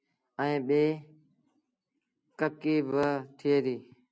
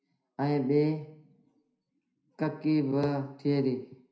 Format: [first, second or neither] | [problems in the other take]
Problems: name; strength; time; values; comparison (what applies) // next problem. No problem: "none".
first | room echo; dies away in 0.5 s